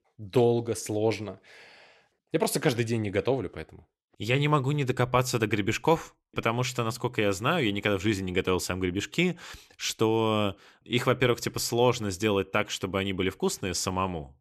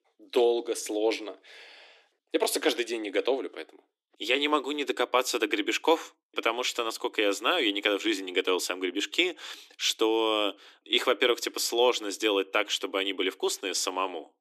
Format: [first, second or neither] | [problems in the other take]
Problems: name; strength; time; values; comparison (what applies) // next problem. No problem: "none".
first | thin; somewhat; fading below 300 Hz